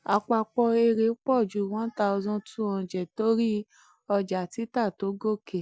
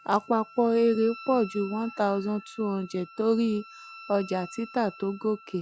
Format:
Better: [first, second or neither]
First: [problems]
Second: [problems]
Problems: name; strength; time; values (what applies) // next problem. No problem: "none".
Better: first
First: none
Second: background sound (Wind instrument, woodwind instrument); 19 dB below the speech